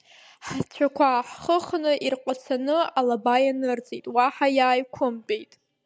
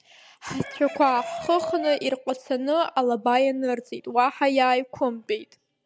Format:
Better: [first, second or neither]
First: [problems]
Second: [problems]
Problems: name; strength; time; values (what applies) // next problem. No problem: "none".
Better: first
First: none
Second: background sound (Chicken, rooster); 12 dB below the speech